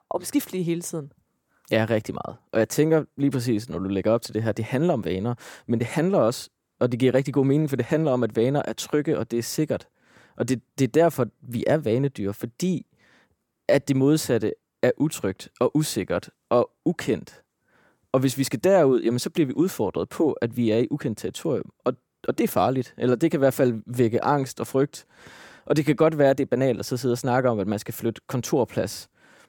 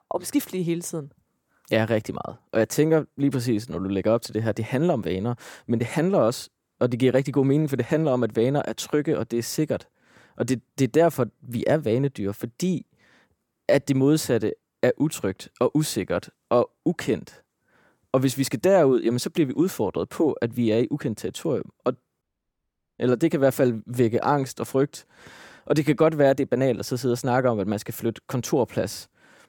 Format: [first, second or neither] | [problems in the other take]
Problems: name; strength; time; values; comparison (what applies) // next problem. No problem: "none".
first | audio cutting out; at 22 s for 1 s